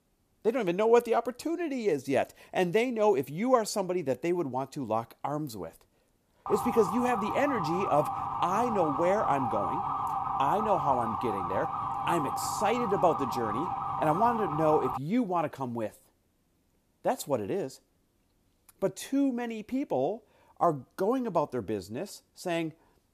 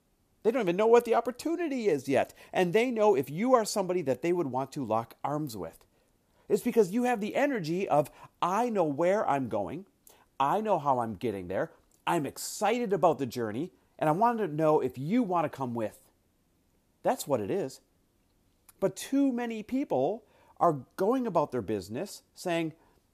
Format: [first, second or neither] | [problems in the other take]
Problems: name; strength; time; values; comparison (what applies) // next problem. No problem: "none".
second | siren; noticeable; from 6.5 to 15 s; peak 1 dB below the speech